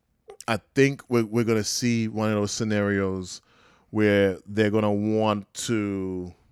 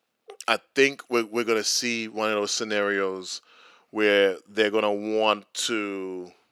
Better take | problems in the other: first | thin; somewhat; fading below 450 Hz

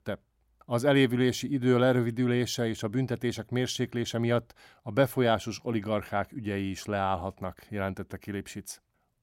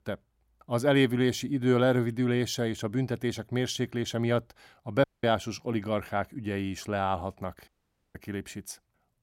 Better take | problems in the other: first | audio cutting out; at 5 s and at 7.5 s

